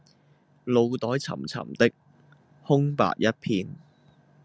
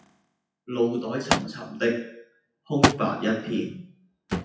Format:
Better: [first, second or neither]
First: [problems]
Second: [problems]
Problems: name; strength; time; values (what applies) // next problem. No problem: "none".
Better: first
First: none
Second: noise reduction (classical method WPE with log-MMSE)